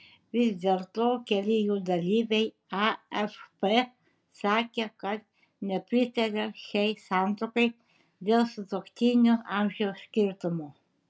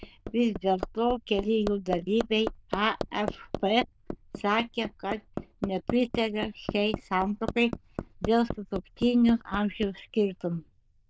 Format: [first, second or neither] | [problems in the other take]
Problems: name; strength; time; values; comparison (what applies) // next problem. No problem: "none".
first | noise reduction (neural diffusion model UNIVERSE++)